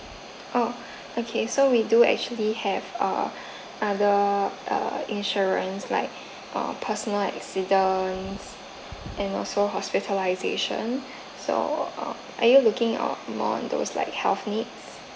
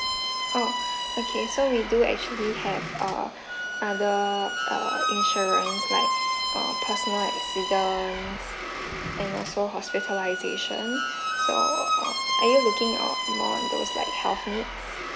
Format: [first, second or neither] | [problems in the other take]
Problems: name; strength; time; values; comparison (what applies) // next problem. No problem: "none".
first | background sound (Squeak); as loud as the speech